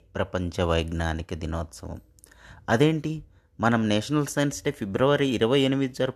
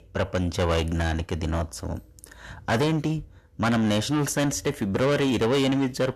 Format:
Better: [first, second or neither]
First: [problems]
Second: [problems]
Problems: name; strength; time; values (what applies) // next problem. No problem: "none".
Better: first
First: none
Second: distortion; heavy; 7 dB below the speech